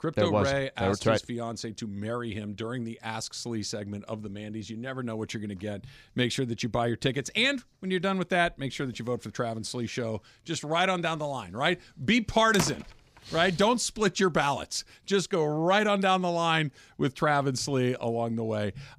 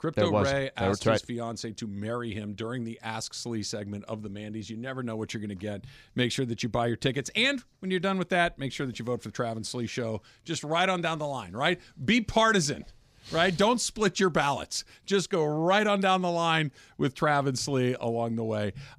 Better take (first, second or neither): second